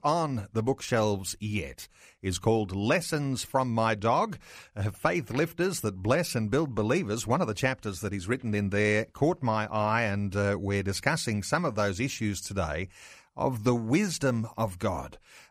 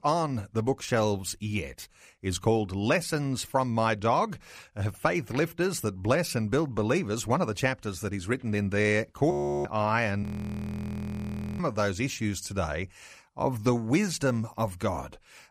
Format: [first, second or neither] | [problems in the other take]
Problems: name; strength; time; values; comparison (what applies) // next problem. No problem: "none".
first | audio freezing; at 9.5 s and at 10 s for 1.5 s